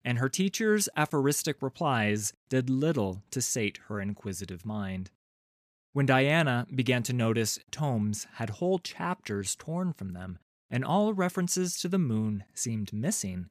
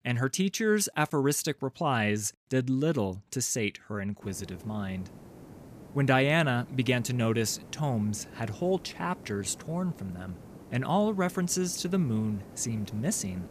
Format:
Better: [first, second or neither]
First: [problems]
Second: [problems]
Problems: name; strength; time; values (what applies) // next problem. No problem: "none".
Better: first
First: none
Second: hiss; noticeable; from 4 s on; 20 dB below the speech